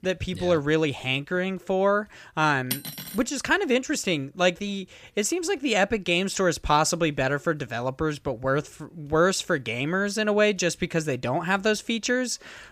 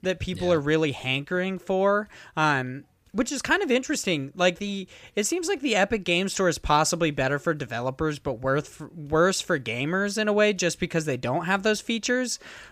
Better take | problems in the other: second | clattering dishes; noticeable; at 2.5 s; peak 6 dB below the speech

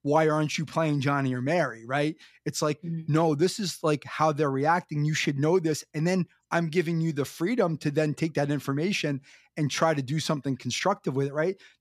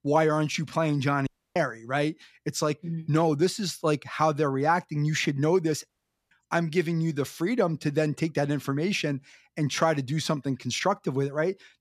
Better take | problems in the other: first | audio cutting out; at 1.5 s and at 6 s

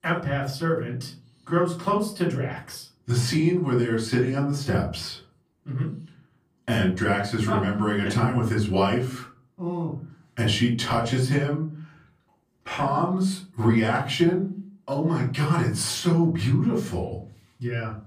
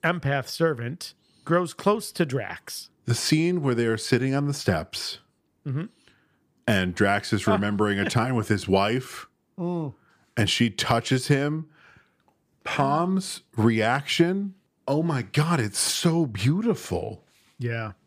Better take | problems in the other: second | off-mic speech; far // room echo; slight; dies away in 0.4 s

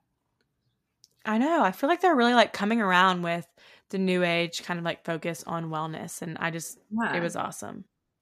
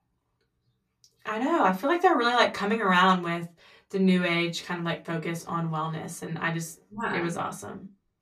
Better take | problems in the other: first | off-mic speech; somewhat distant // room echo; very slight; dies away in 0.2 s

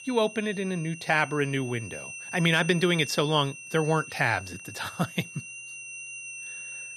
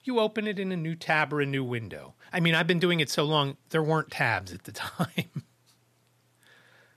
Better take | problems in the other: second | high-pitched whine; noticeable; throughout; 2.5 kHz, 10 dB below the speech

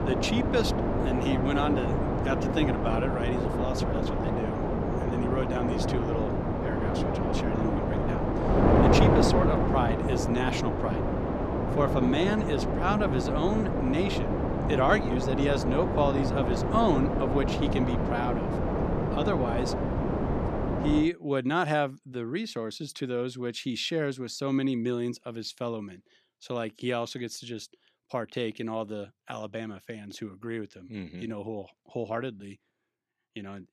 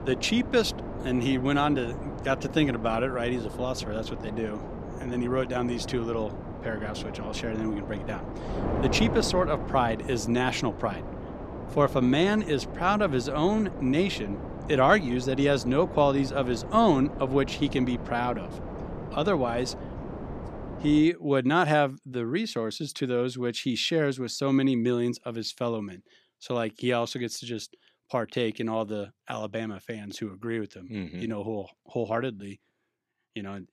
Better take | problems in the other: second | wind noise on the microphone; heavy; until 21 s; 1 dB above the speech; occasional gusts in the second

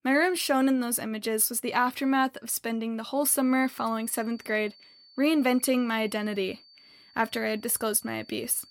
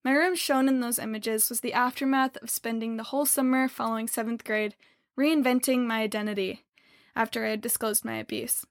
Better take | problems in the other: second | high-pitched whine; faint; from 3 s on; 4.5 kHz, 25 dB below the speech

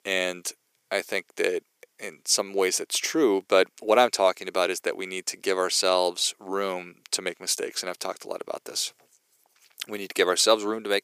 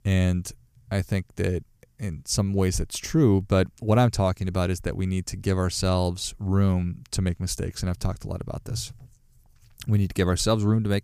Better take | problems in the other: second | thin; very; fading below 350 Hz

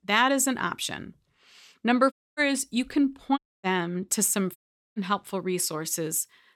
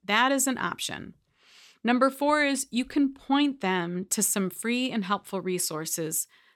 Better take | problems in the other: second | audio cutting out; at 2 s, at 3.5 s and at 4.5 s

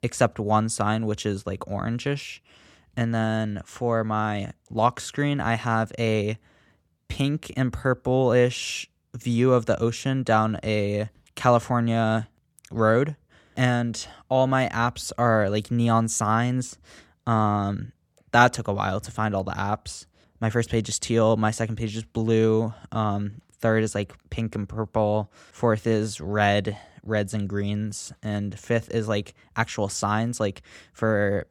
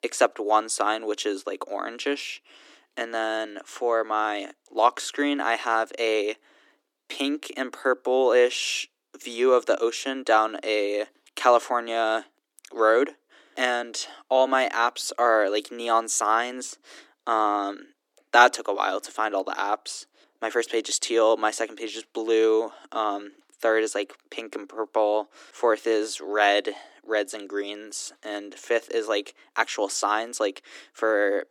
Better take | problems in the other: first | thin; very; fading below 300 Hz

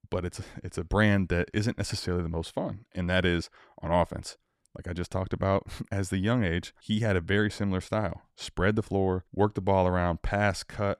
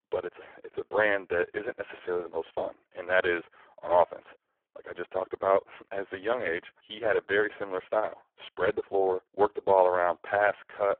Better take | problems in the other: first | phone-call audio; poor line

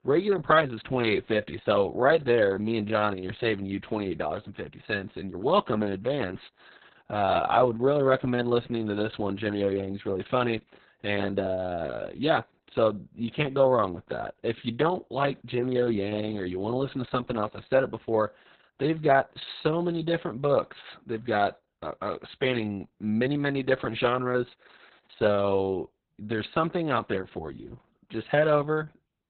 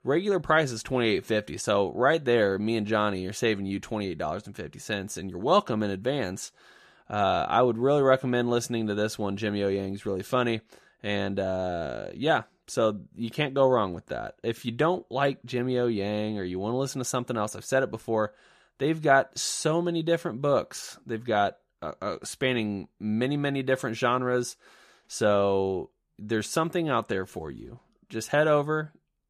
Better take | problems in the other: second | garbled, watery; badly; nothing above 4 kHz

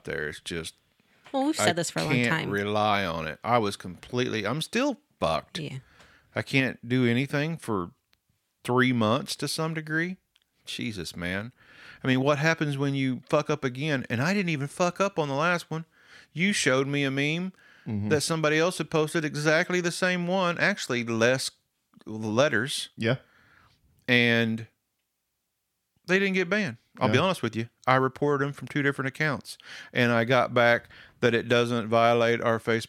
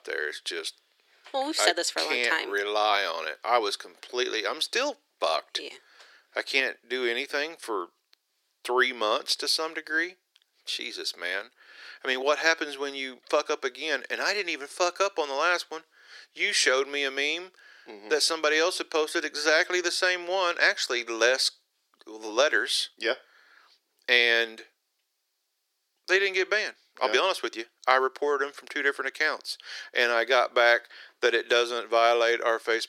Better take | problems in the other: first | thin; very; fading below 350 Hz

